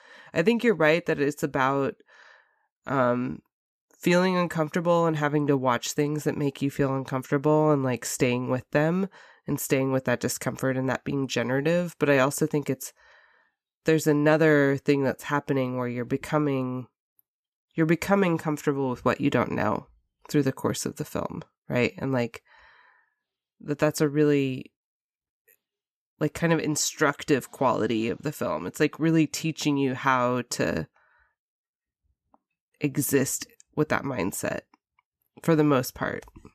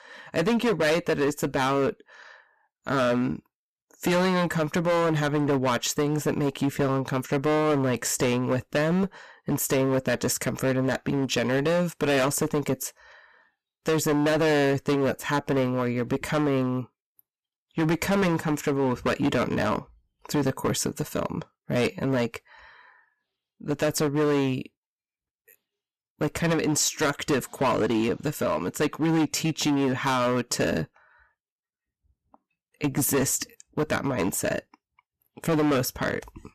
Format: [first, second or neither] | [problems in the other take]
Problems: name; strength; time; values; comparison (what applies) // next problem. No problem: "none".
first | distortion; heavy; 13% of the sound clipped